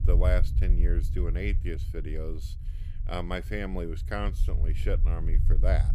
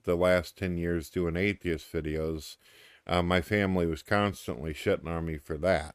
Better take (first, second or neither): second